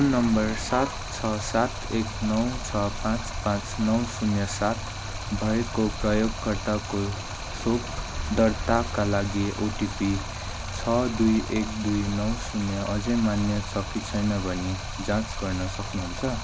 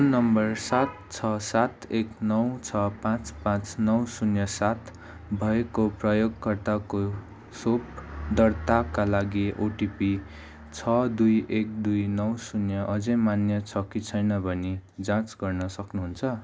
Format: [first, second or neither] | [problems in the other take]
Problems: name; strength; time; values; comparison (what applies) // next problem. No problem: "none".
second | background sound (Stream); 6 dB below the speech